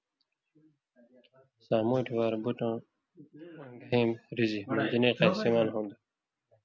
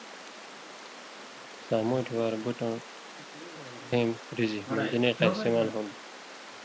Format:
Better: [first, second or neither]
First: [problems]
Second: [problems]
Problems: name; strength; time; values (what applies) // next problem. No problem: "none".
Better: first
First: none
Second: background sound (Water); 14 dB below the speech